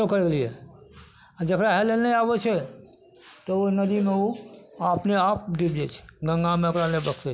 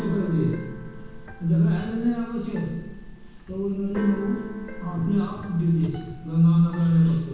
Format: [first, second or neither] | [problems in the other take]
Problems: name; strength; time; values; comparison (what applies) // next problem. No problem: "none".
first | background sound (Keyboard (musical)); 14 dB below the speech // room echo; dies away in 1.2 s